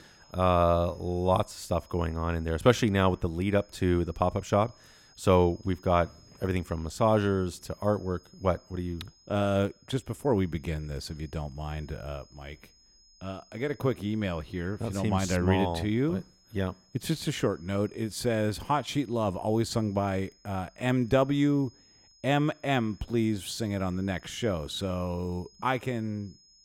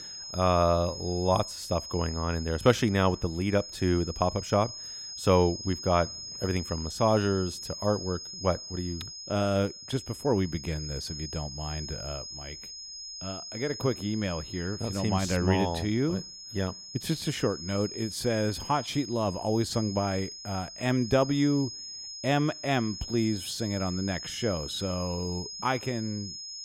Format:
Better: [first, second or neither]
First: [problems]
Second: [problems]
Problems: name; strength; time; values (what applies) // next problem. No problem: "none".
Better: first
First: high-pitched whine; faint; throughout; 5 kHz, 30 dB below the speech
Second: high-pitched whine; loud; throughout; 5 kHz, 9 dB below the speech